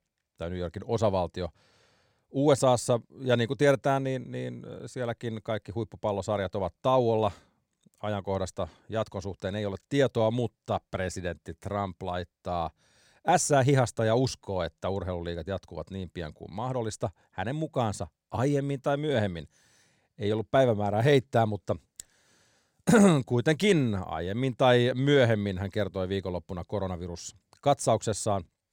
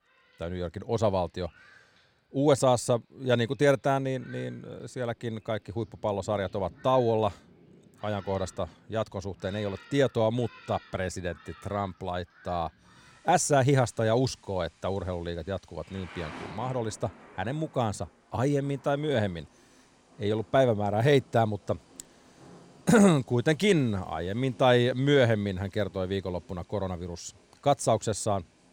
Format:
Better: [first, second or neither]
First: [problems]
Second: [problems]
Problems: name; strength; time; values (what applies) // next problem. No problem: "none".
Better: first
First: none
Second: rain or running water; faint; throughout; 25 dB below the speech